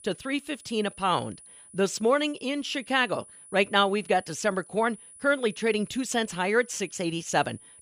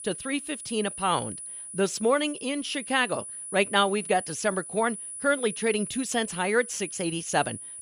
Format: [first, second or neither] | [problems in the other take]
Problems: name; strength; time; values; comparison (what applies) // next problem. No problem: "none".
first | high-pitched whine; loud; throughout; 10 kHz, 9 dB below the speech; faint in the first